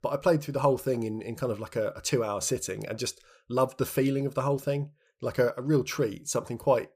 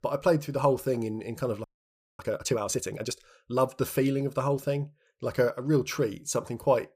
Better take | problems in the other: first | audio freezing; at 1.5 s for 0.5 s

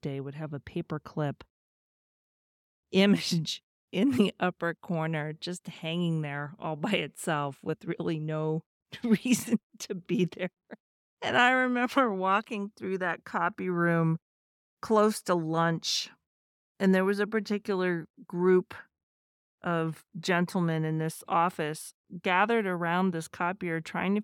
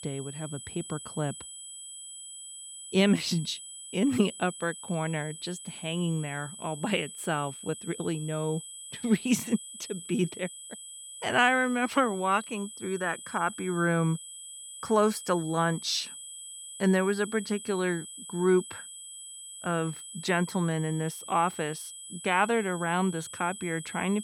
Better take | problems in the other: first | high-pitched whine; noticeable; throughout; 8 kHz, 10 dB below the speech

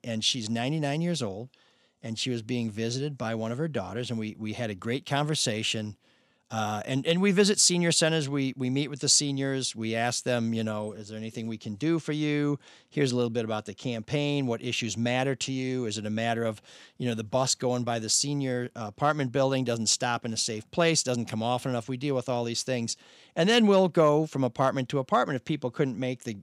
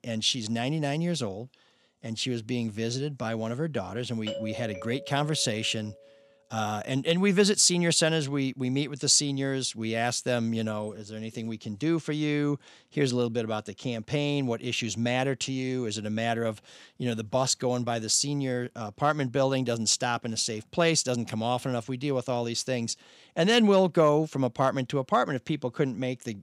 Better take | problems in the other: first | doorbell; noticeable; from 4.5 to 6 s; peak 8 dB below the speech

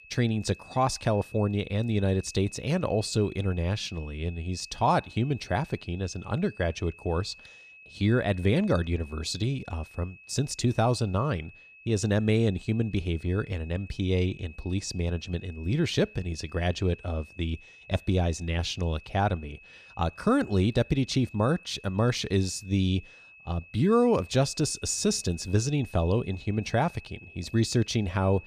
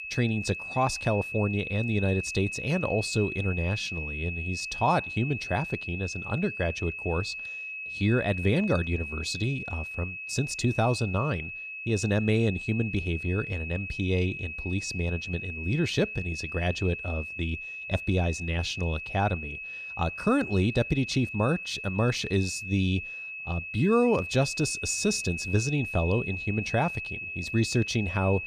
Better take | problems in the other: first | high-pitched whine; loud; throughout; 2.5 kHz, 6 dB below the speech; faint in the first

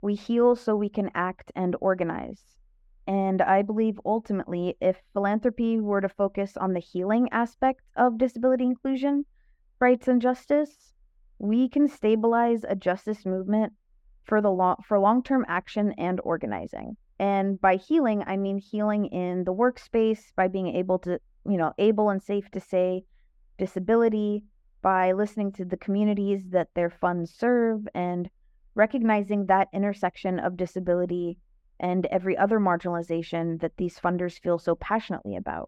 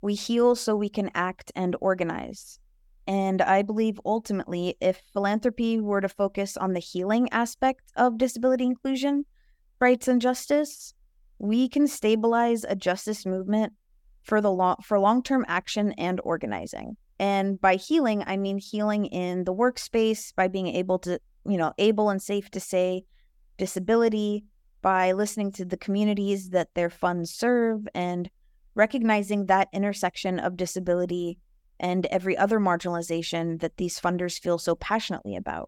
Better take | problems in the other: second | muffled; very; fading above 3.5 kHz

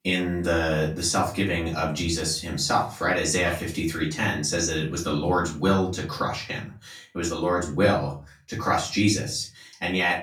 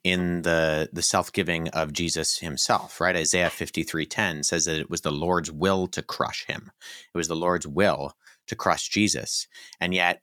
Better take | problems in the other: second | room echo; slight; dies away in 0.4 s // off-mic speech; far

